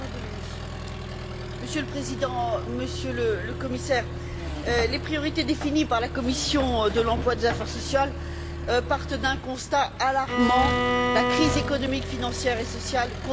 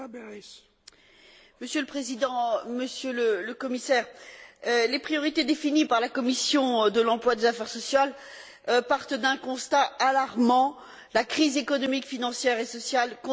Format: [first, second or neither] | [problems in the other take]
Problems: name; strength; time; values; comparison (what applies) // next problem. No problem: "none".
second | background sound (Bowed string instrument + Accelerating, revving, vroom); 3 dB below the speech